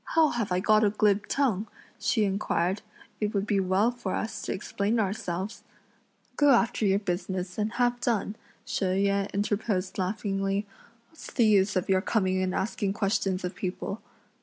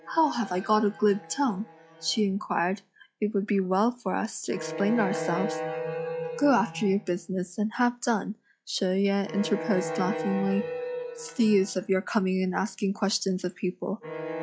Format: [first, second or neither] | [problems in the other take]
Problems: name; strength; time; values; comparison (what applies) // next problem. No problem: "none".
first | noise reduction (classical method log-MMSE)